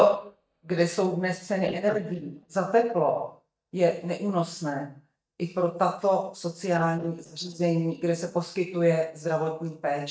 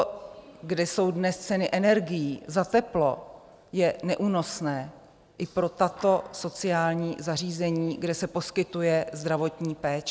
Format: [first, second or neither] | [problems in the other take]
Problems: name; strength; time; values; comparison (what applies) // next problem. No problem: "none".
second | noise reduction (neural mask model DeepFilterNet 3)